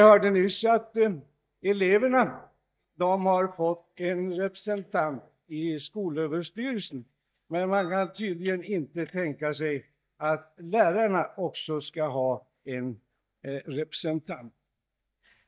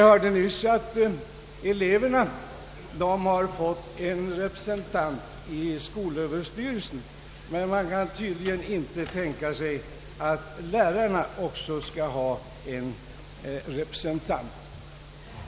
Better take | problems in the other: second | noise reduction (neural mask model DeepFilterNet 3)

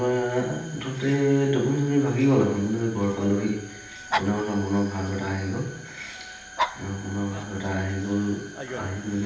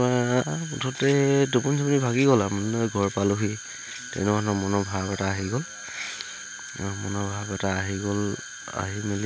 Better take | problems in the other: second | background sound (Dog); 13 dB below the speech // room echo; dies away in 0.8 s

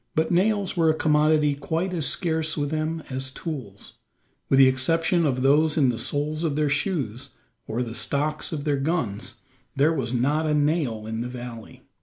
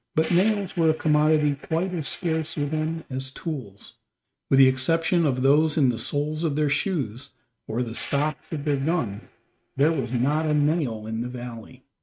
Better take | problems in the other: first | noise reduction (neural mask model RNNoise)

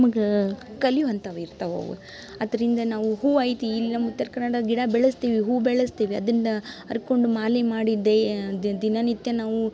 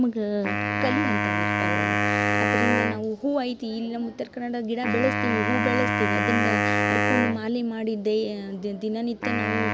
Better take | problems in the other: first | background sound (Wind instrument, woodwind instrument); 2 dB above the speech

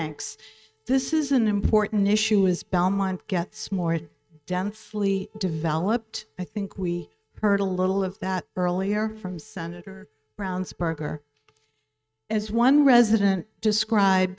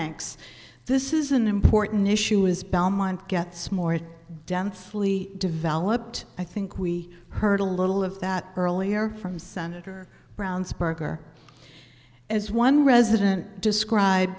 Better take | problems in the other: second | noise reduction (neural mask model RNNoise)

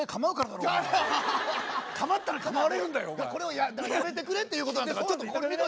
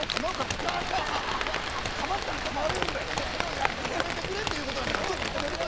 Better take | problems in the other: first | background sound (Rain); 2 dB above the speech

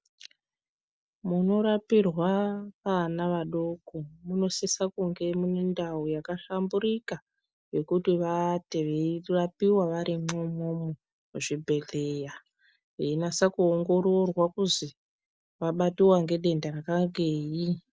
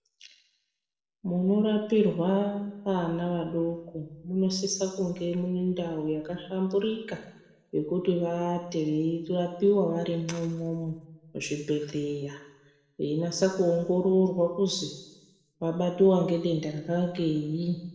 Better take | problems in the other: first | room echo; dies away in 1 s

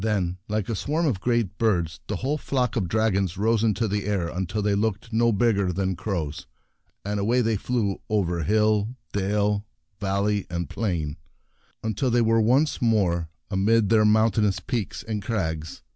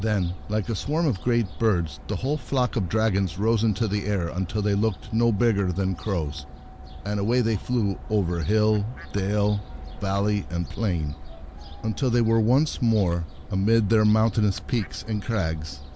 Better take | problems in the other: first | background sound (Fowl); 14 dB below the speech

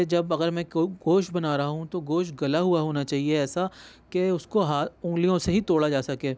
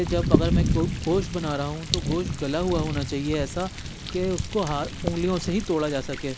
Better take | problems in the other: first | background sound (Thunder); 1 dB below the speech

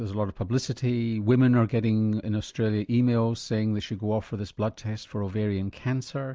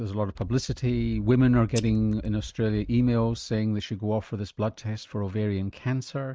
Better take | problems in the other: first | noise reduction (neural mask model RNNoise)

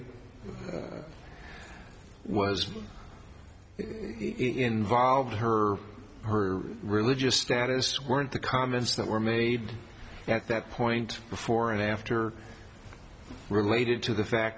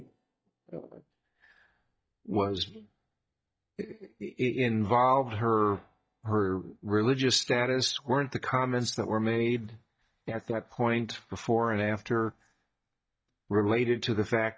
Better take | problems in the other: first | noise reduction (neural mask model DeepFilterNet 3)

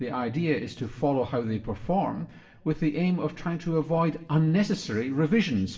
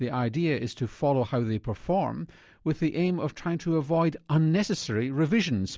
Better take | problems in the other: second | room echo; dies away in 1 s

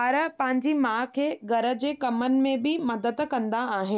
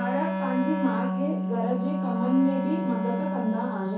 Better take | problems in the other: first | background sound (Wind instrument, woodwind instrument); as loud as the speech // room echo; dies away in 0.6 s

